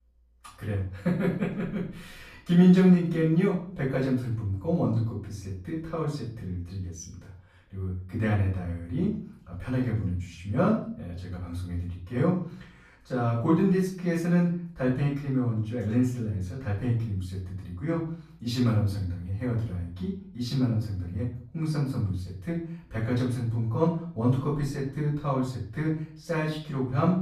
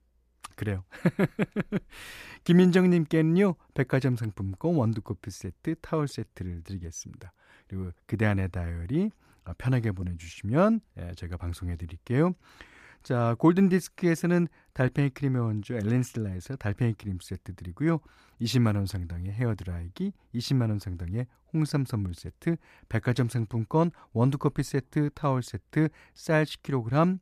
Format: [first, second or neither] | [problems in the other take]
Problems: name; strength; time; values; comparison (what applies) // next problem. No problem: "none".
second | off-mic speech; far // room echo; noticeable; dies away in 0.5 s